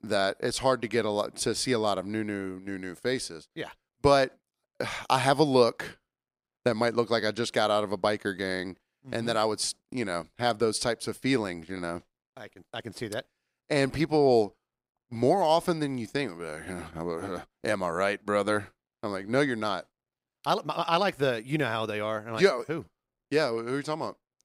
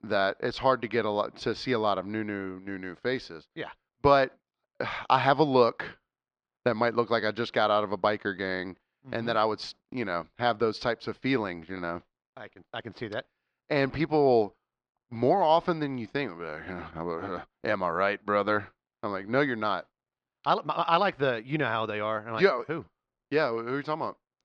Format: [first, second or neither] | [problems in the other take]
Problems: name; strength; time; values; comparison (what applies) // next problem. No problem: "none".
first | muffled; very slightly; fading above 4 kHz